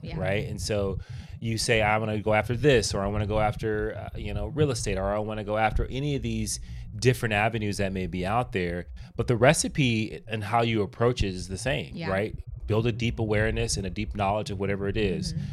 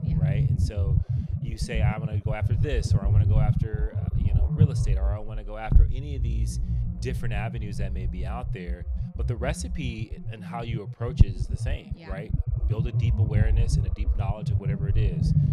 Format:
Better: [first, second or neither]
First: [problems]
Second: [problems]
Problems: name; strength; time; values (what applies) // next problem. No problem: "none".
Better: first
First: low rumble; faint; throughout; 25 dB below the speech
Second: low rumble; loud; throughout; 2 dB below the speech